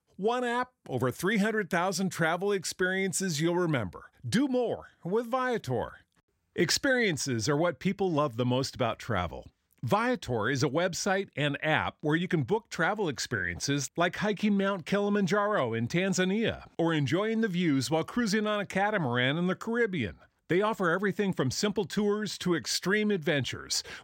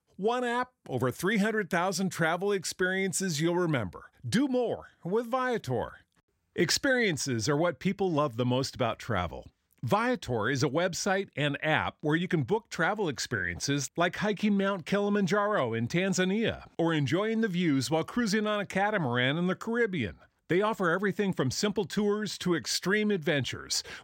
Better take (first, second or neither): neither